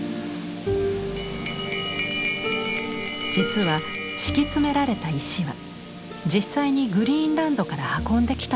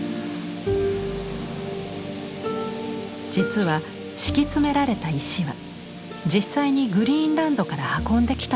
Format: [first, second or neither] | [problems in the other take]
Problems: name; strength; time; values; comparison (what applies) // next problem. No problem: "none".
second | background sound (Bell); 9 dB below the speech